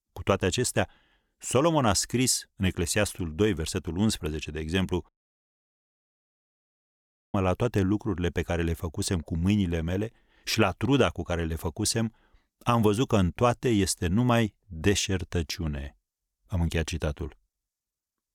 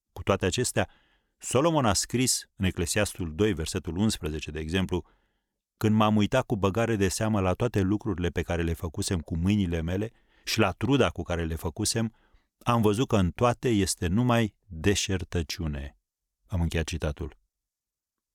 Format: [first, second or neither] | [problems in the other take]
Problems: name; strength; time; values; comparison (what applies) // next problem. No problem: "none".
second | audio cutting out; at 5 s for 2.5 s